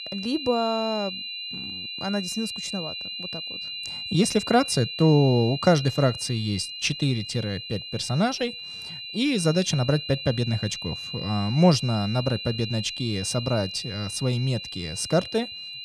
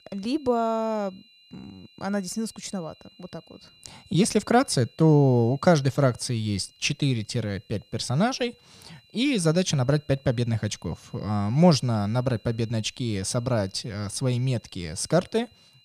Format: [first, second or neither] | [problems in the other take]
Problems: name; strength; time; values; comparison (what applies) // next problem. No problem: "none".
second | high-pitched whine; loud; throughout; 4 kHz, 8 dB below the speech; faint in the second